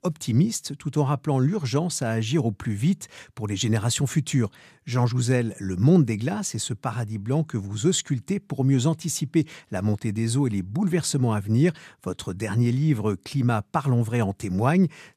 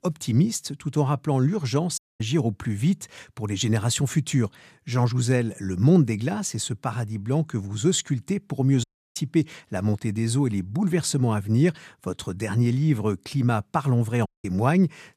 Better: first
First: none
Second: audio cutting out; at 2 s, at 9 s and at 14 s

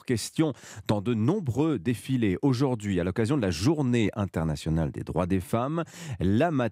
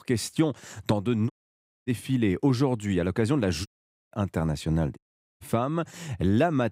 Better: first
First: none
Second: audio cutting out; at 1.5 s for 0.5 s, at 3.5 s and at 5 s

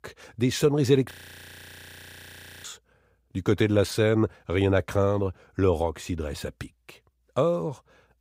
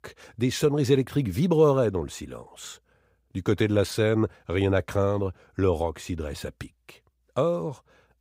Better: second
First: audio freezing; at 1 s for 1.5 s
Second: none

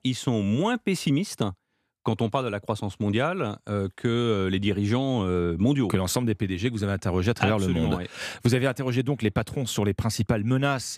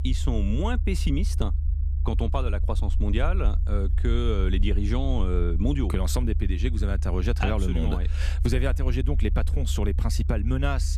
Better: first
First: none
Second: low rumble; noticeable; throughout; 15 dB below the speech

